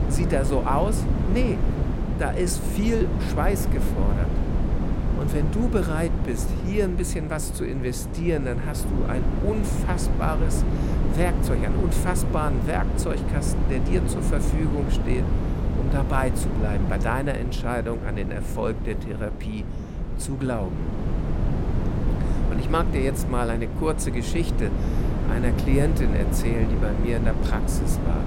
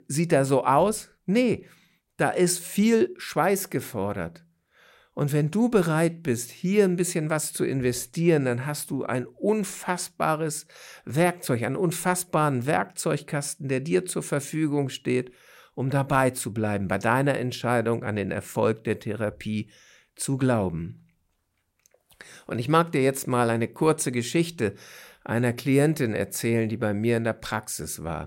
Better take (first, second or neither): second